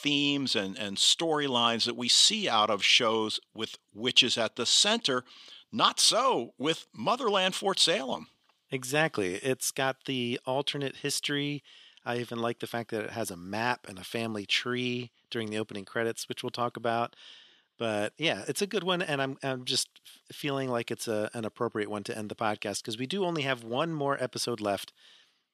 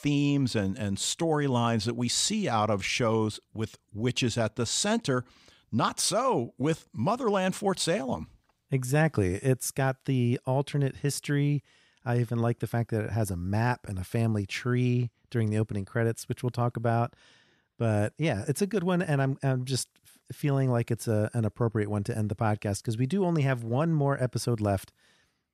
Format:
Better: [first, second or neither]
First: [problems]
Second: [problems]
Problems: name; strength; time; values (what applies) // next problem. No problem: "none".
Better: second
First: thin; somewhat; fading below 250 Hz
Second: none